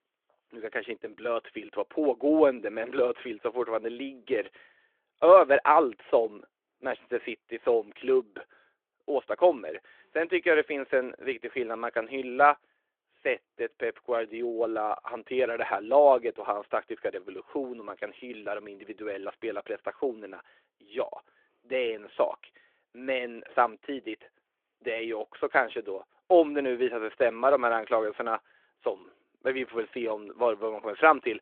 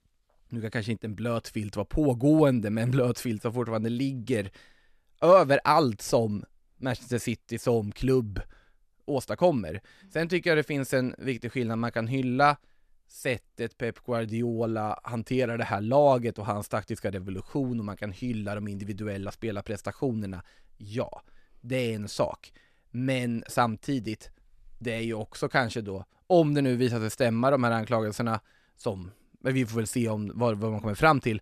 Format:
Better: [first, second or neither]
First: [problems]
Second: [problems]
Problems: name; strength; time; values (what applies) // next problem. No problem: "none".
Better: second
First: phone-call audio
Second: none